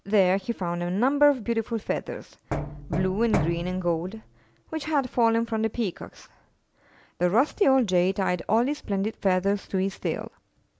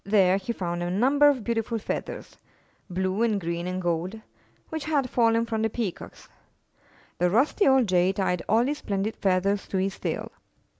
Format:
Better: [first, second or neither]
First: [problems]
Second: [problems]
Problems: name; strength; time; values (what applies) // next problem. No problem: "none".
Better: second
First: background sound (Knock); 6 dB below the speech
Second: none